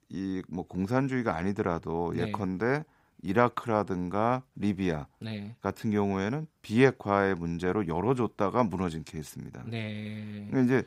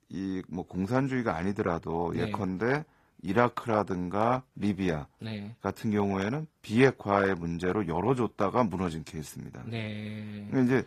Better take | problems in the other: first | garbled, watery; slightly; nothing above 14 kHz

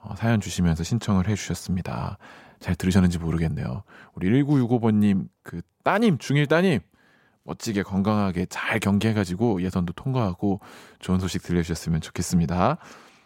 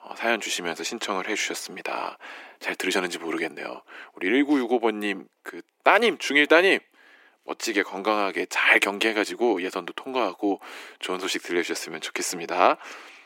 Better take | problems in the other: first | thin; very; fading below 300 Hz

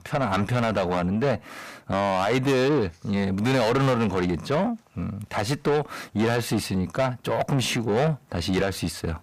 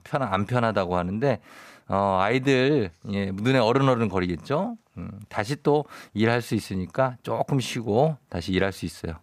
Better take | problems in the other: second | distortion; heavy; 6 dB below the speech

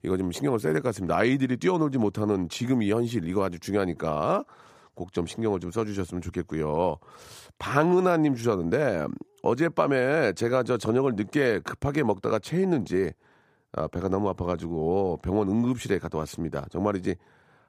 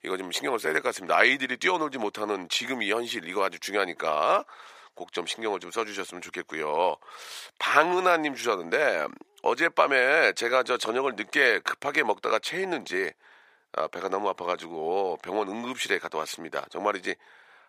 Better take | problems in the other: first | thin; very; fading below 600 Hz

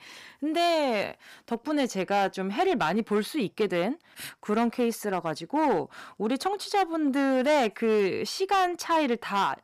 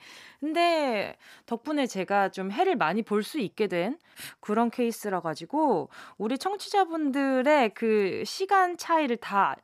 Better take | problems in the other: second | distortion; slight; 7% of the sound clipped

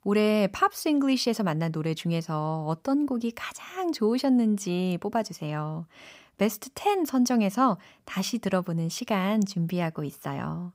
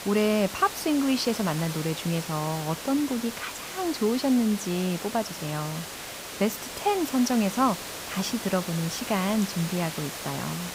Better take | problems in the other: first | hiss; loud; throughout; 8 dB below the speech

